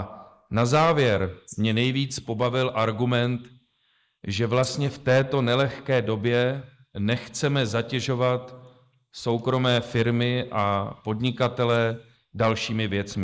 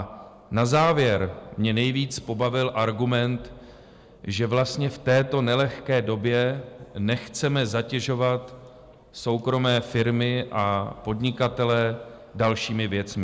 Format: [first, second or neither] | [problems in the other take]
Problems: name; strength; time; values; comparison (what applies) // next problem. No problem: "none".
second | noise reduction (neural mask model Resemble Enhance denoiser)